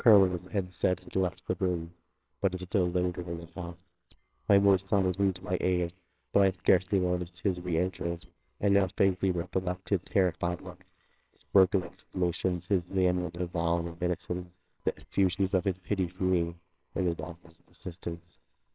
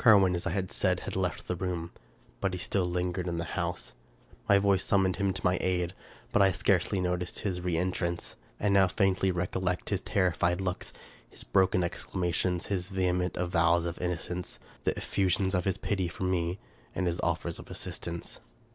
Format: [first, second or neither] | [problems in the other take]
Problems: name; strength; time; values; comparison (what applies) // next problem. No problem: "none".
second | noise reduction (neural separator model SepFormer WHAMR!)